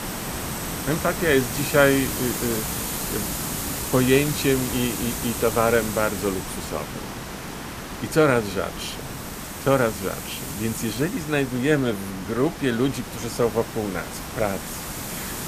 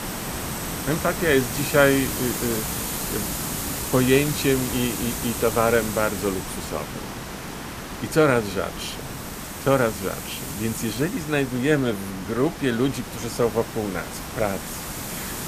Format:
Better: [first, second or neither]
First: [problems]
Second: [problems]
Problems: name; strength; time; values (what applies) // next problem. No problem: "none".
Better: neither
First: hiss; loud; throughout; 6 dB below the speech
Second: hiss; loud; throughout; 6 dB below the speech